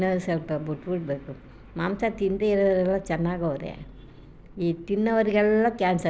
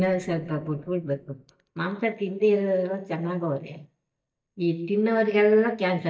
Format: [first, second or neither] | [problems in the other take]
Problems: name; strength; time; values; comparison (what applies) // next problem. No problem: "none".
first | noise reduction (neural mask model DeepFilterNet 3)